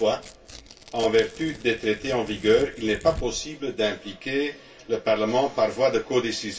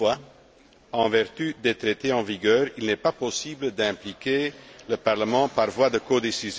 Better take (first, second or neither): second